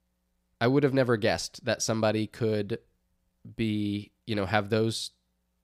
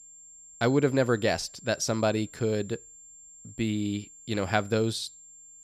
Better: first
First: none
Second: high-pitched whine; noticeable; throughout; 7.5 kHz, 20 dB below the speech

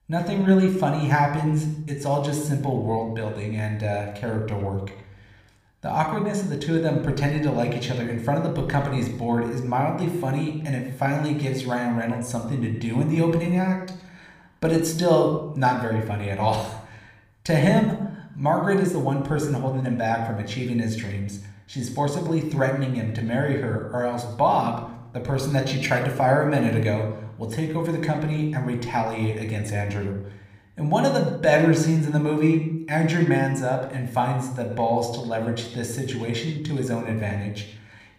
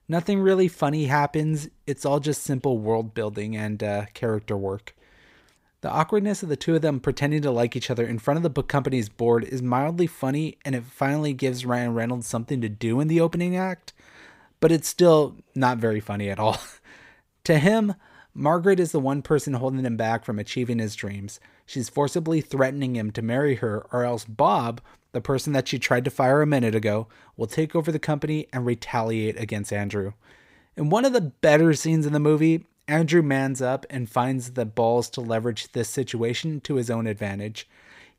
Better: second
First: room echo; slight; dies away in 0.7 s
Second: none

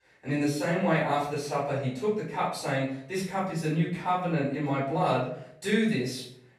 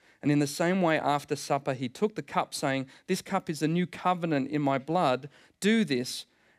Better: second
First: off-mic speech; far // room echo; noticeable; dies away in 0.5 s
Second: none

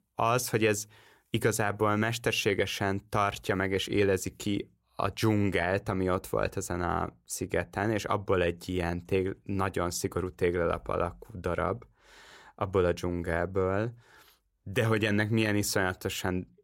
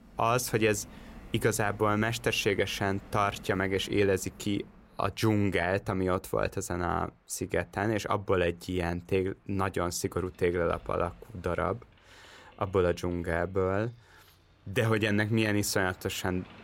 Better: first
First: none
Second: train or aircraft noise; faint; throughout; 25 dB below the speech

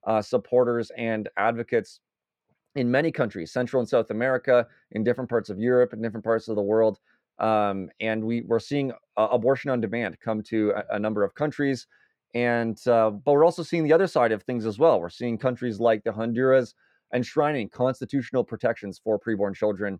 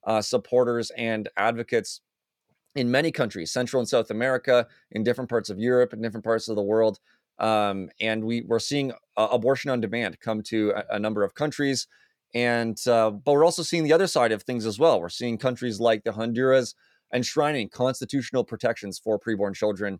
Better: second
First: muffled; slightly; fading above 3 kHz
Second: none

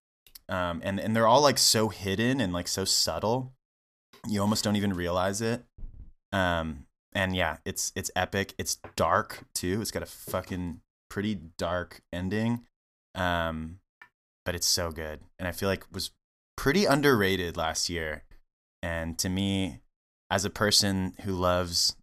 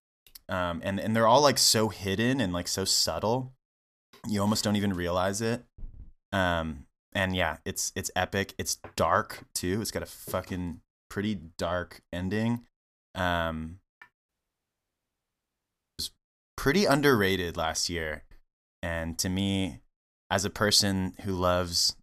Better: first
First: none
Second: audio cutting out; at 14 s for 1.5 s

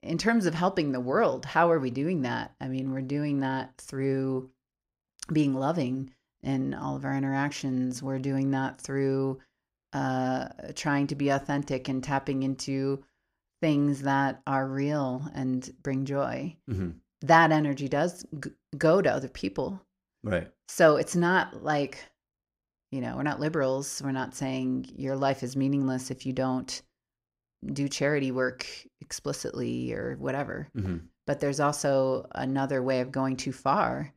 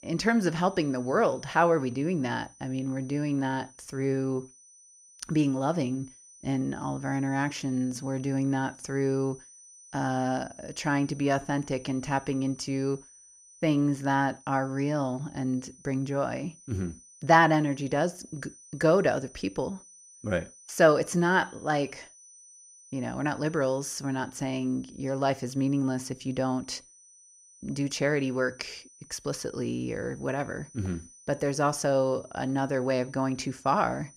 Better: first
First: none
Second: high-pitched whine; faint; throughout; 6 kHz, 20 dB below the speech

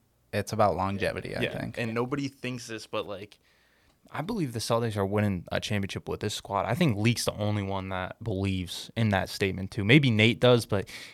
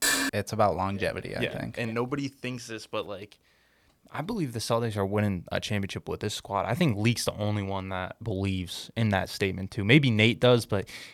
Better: first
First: none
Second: clattering dishes; loud; at the start; peak 3 dB above the speech

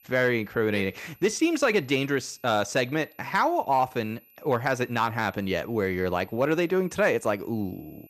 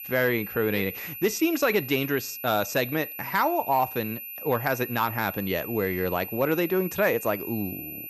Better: first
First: high-pitched whine; faint; throughout; 12 kHz, 30 dB below the speech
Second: high-pitched whine; loud; throughout; 12 kHz, 9 dB below the speech

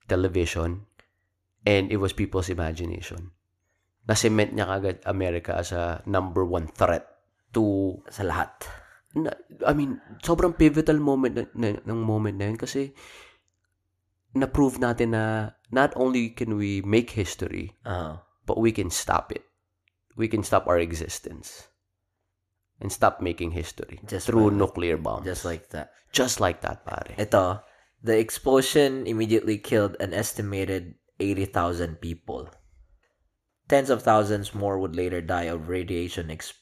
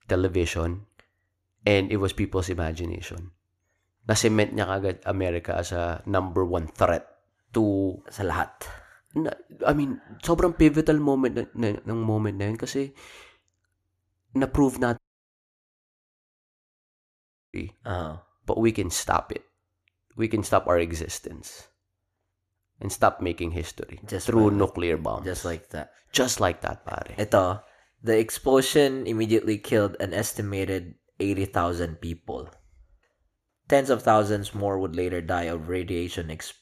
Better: first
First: none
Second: audio cutting out; at 15 s for 2.5 s

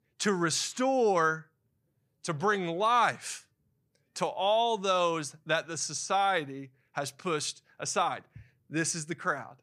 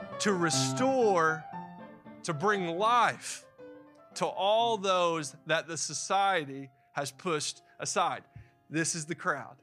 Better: first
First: none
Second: background music; noticeable; throughout; 10 dB below the speech

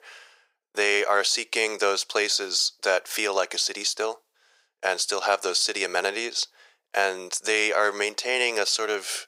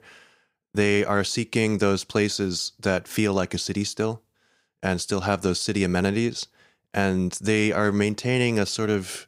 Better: second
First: thin; very; fading below 500 Hz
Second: none

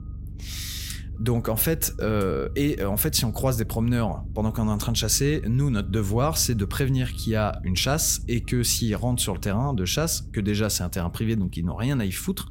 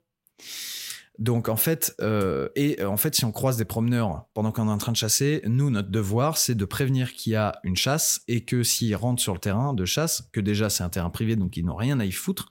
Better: second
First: low rumble; faint; throughout; 20 dB below the speech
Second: none

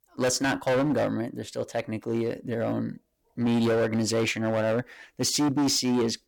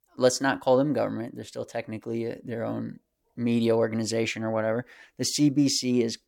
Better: second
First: distortion; heavy; 15% of the sound clipped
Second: none

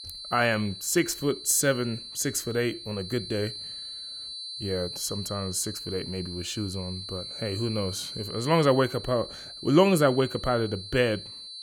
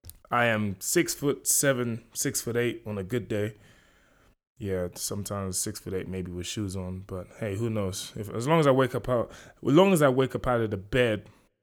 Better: second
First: high-pitched whine; loud; throughout; 4 kHz, 10 dB below the speech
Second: none

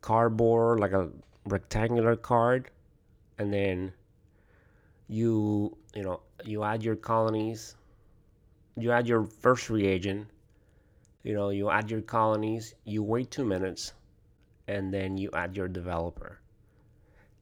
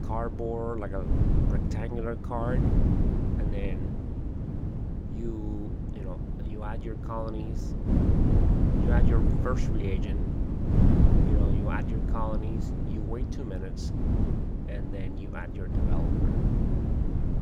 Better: first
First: none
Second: wind noise on the microphone; heavy; as loud as the speech

